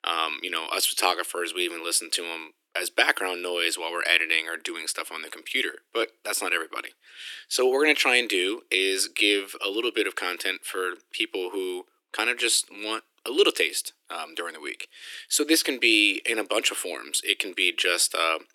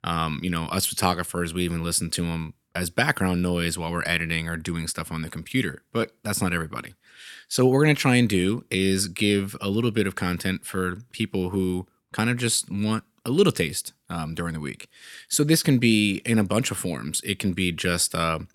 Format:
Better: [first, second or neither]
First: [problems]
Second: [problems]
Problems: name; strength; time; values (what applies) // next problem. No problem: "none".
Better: second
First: thin; very; fading below 300 Hz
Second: none